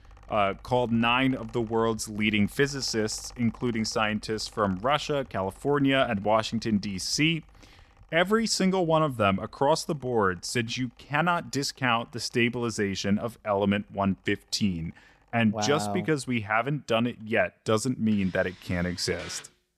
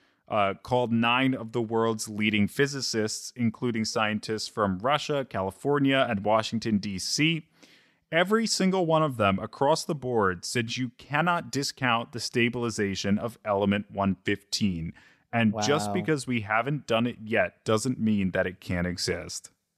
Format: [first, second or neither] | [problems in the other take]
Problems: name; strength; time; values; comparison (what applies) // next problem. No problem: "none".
second | machinery noise; faint; throughout; 25 dB below the speech